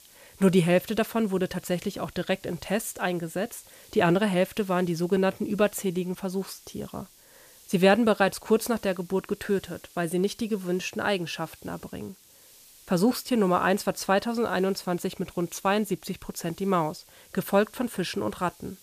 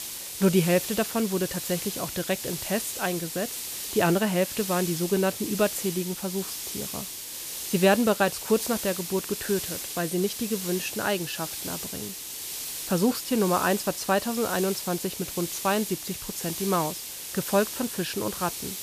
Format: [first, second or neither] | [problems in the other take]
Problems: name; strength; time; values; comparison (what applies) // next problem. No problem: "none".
first | hiss; loud; throughout; 5 dB below the speech; faint in the first